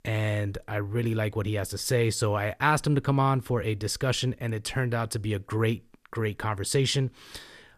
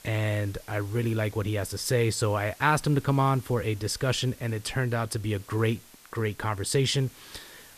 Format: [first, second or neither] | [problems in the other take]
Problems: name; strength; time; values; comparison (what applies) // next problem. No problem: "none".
first | hiss; faint; throughout; 20 dB below the speech